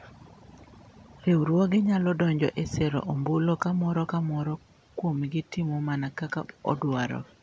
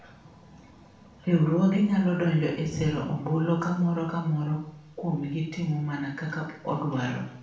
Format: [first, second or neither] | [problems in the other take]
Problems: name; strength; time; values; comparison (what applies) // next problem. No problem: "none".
first | room echo; dies away in 0.7 s